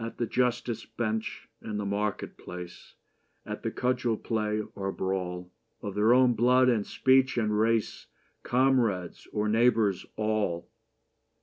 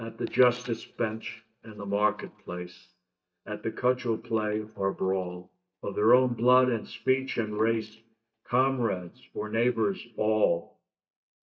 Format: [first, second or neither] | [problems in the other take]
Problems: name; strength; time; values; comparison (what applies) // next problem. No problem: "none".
first | noise reduction (neural mask model DeepFilterNet 3)